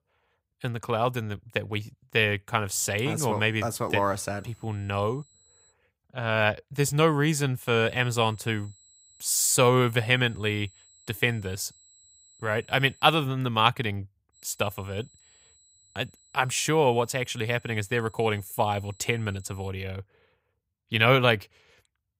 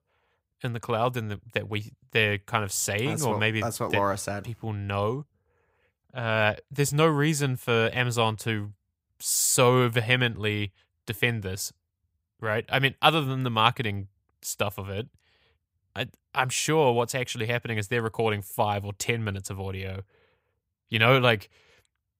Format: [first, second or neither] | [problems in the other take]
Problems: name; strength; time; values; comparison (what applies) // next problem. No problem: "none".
second | high-pitched whine; faint; from 3 to 5.5 s, from 7.5 to 13 s and from 14 to 20 s; 7.5 kHz, 30 dB below the speech